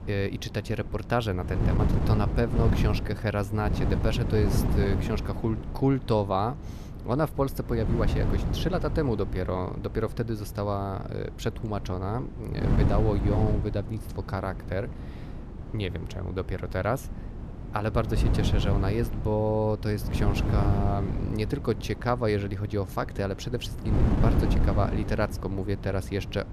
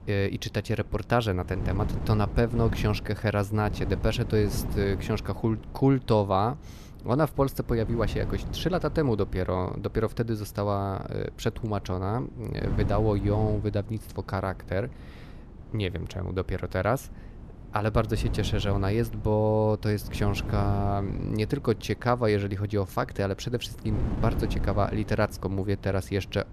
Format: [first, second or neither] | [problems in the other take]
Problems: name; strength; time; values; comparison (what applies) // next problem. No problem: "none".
second | wind noise on the microphone; heavy; 8 dB below the speech; occasional gusts in the second